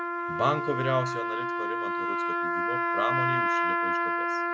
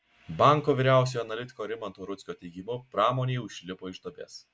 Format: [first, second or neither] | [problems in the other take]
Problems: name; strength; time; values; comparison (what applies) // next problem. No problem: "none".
second | background sound (Trumpet); 5 dB above the speech